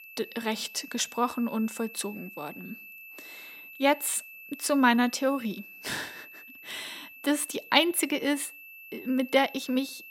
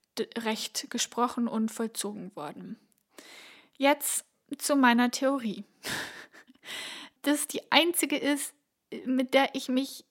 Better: second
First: high-pitched whine; noticeable; throughout; 2.5 kHz, 15 dB below the speech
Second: none

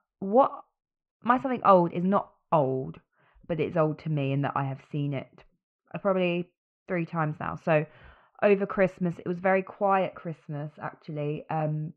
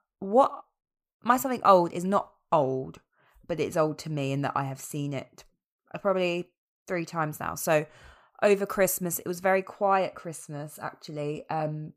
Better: second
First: muffled; very; fading above 2.5 kHz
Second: none

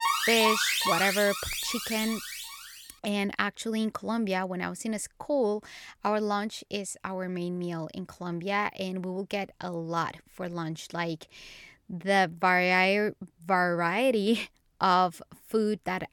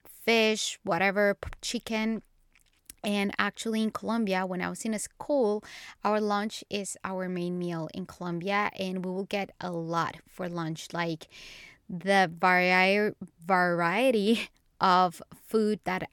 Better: second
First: alarm; loud; until 2.5 s; peak 4 dB above the speech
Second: none

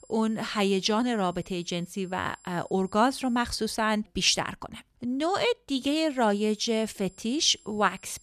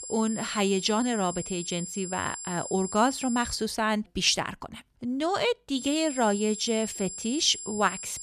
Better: first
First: high-pitched whine; faint; until 3.5 s and from 6 s on; 7.5 kHz, 30 dB below the speech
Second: high-pitched whine; loud; until 3.5 s and from 6 s on; 7.5 kHz, 9 dB below the speech

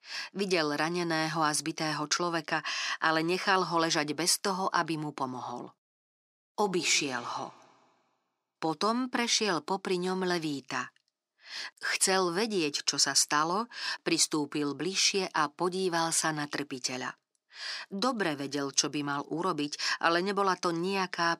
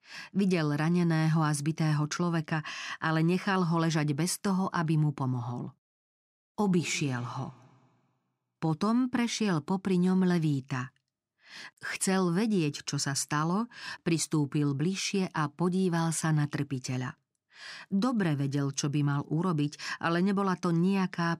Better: second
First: thin; somewhat; fading below 450 Hz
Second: none

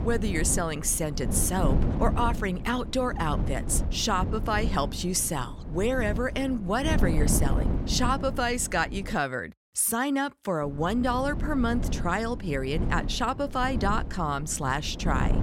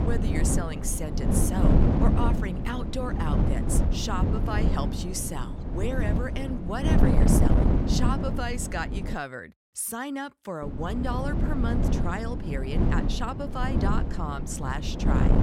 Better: first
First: wind noise on the microphone; occasional gusts; until 9 s and from 11 s on; 10 dB below the speech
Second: wind noise on the microphone; heavy; until 9 s and from 11 s on; 1 dB below the speech

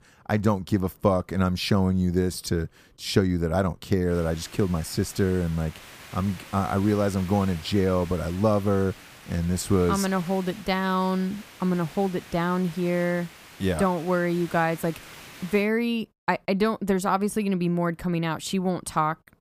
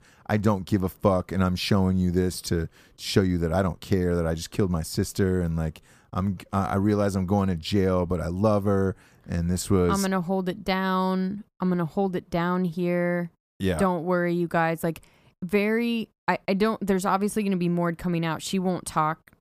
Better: second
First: hiss; noticeable; from 4 to 16 s; 20 dB below the speech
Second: none

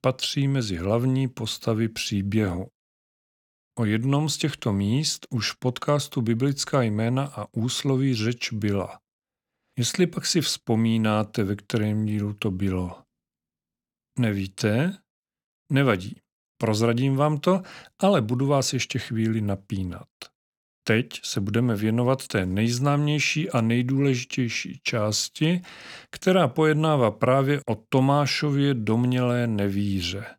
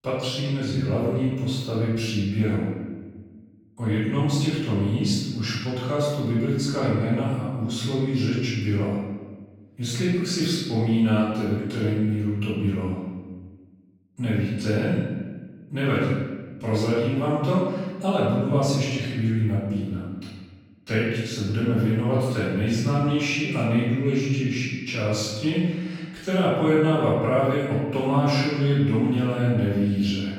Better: first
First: none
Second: off-mic speech; far // room echo; strong; dies away in 1.3 s

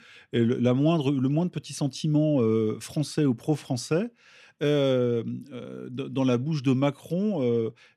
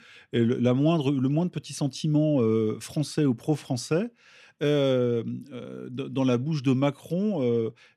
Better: neither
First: none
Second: none

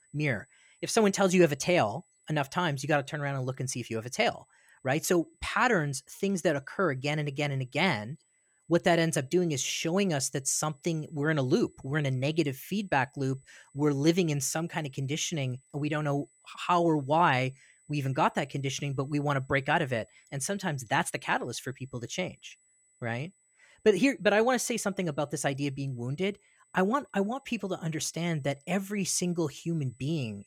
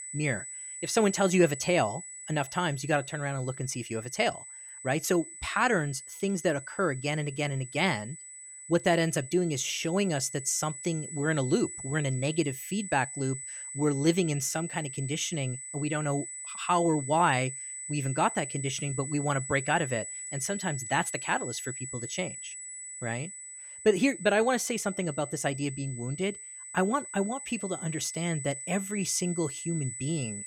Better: first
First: high-pitched whine; faint; throughout; 8 kHz, 35 dB below the speech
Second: high-pitched whine; loud; throughout; 8 kHz, 9 dB below the speech

